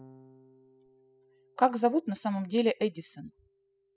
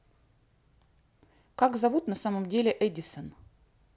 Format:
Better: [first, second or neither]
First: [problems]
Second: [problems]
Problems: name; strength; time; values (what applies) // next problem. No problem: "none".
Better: second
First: noise reduction (classical method spectral subtraction)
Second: none